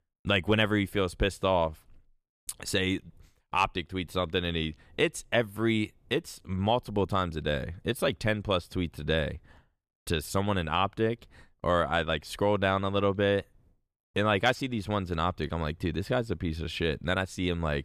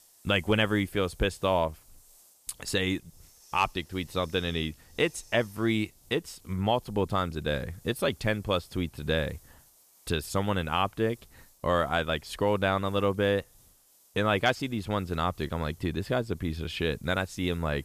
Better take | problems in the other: first | hiss; faint; throughout; 25 dB below the speech

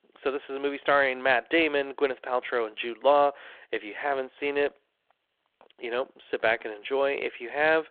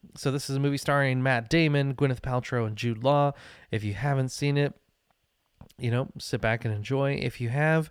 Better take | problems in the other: second | phone-call audio

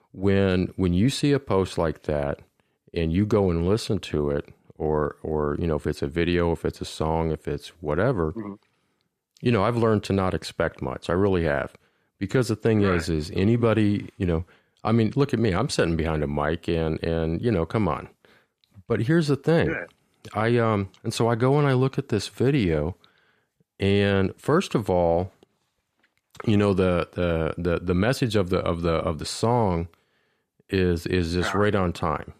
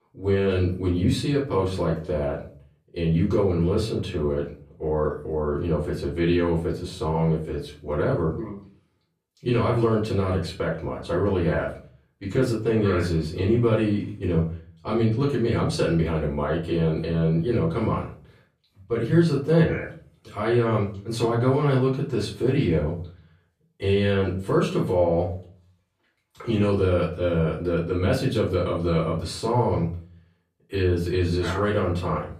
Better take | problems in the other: first | off-mic speech; far // room echo; slight; dies away in 0.4 s

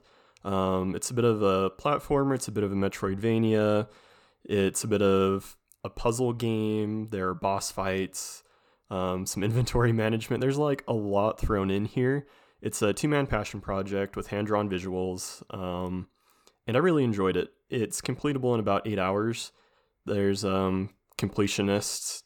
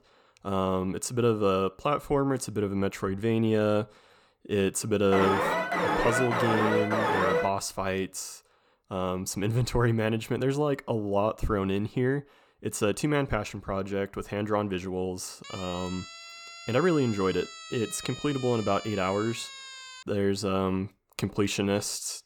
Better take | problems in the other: first | alarm; loud; from 5 to 7.5 s; peak 3 dB above the speech // siren; faint; from 15 to 20 s; peak 10 dB below the speech

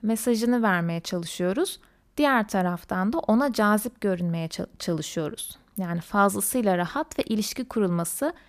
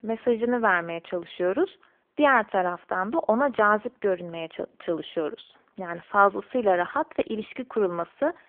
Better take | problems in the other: first | phone-call audio; poor line

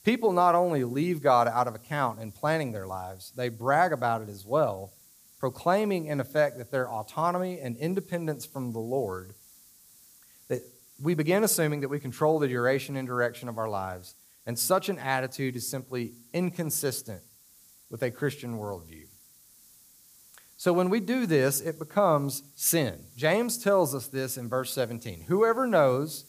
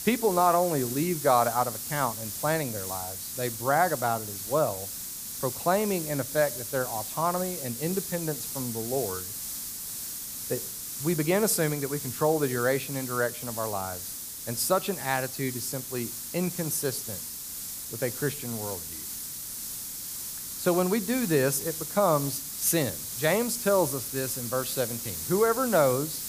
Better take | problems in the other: first | hiss; loud; throughout; 5 dB below the speech; faint in the first

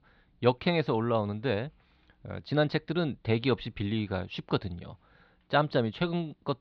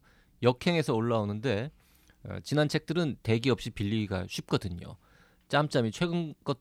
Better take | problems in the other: second | muffled; very slightly; fading above 4 kHz

